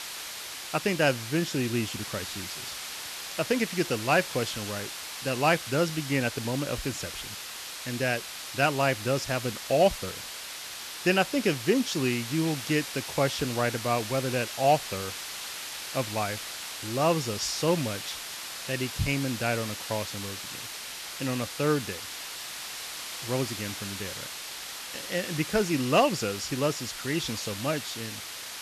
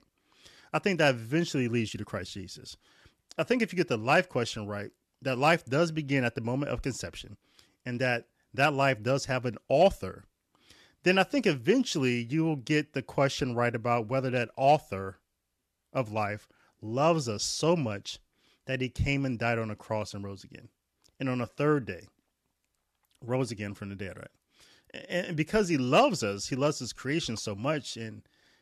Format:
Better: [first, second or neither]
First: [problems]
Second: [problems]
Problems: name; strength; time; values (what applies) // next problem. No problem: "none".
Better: second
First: hiss; loud; throughout; 7 dB below the speech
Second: none